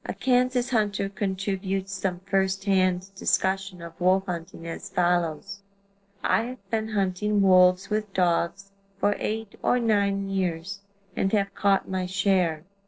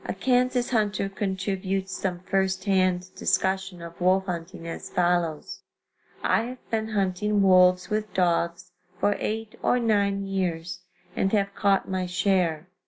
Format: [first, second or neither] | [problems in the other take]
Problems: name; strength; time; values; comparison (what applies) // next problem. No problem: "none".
second | noise reduction (neural separator model SepFormer DNS4)